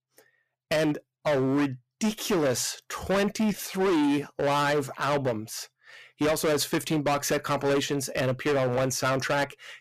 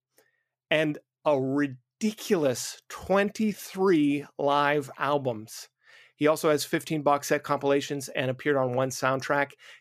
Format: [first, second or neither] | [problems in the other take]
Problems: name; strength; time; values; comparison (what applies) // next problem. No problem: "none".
second | distortion; heavy; 18% of the sound clipped